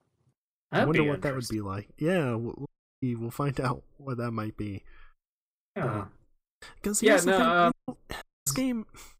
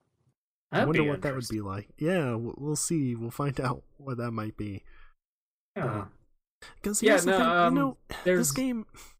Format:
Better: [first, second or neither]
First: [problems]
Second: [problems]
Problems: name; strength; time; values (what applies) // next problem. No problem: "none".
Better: second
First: audio cutting out; at 2.5 s, at 7.5 s and at 8 s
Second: none